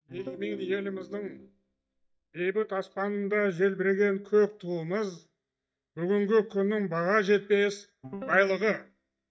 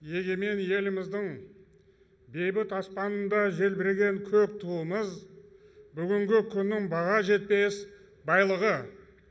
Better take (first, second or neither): second